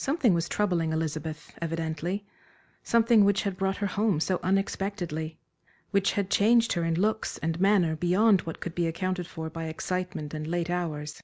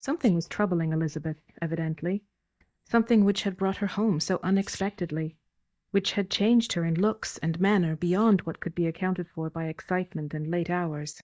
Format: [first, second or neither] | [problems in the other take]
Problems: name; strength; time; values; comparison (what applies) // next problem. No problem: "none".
first | noise reduction (neural mask model DeepFilterNet 3)